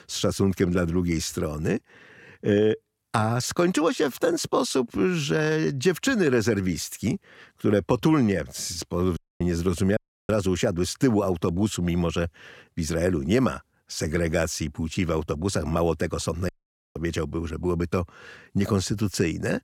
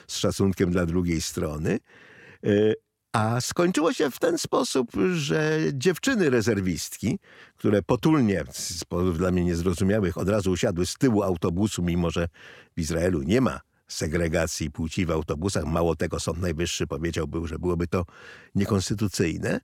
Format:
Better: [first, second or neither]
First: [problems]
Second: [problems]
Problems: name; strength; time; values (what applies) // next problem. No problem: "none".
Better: second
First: audio cutting out; at 9 s, at 10 s and at 16 s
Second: none